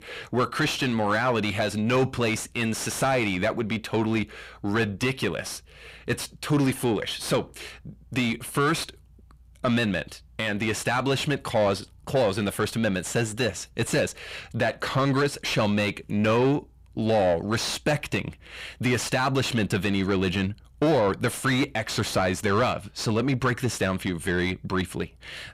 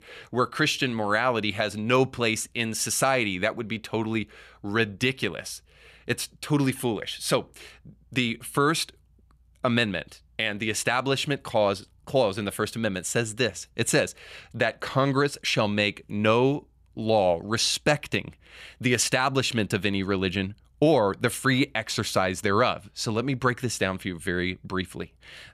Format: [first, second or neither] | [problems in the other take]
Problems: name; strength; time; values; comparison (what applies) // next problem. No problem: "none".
second | distortion; heavy; 8 dB below the speech